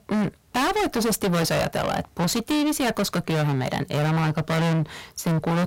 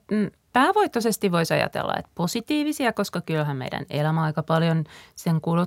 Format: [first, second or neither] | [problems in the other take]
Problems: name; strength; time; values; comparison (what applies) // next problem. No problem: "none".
second | distortion; heavy; 37% of the sound clipped